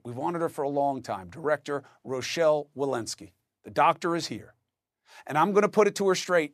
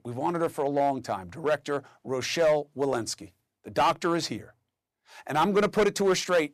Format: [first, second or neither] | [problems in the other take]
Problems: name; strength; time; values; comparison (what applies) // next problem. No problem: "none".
first | distortion; slight; 4% of the sound clipped